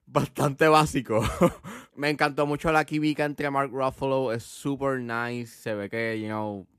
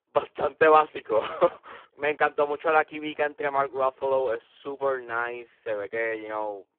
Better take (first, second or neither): first